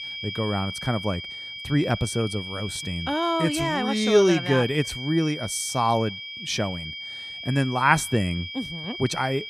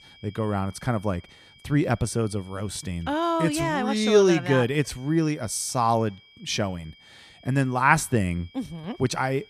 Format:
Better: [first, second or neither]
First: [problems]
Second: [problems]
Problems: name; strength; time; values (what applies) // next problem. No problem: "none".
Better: second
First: high-pitched whine; loud; throughout; 3 kHz, 8 dB below the speech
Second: high-pitched whine; faint; throughout; 3 kHz, 25 dB below the speech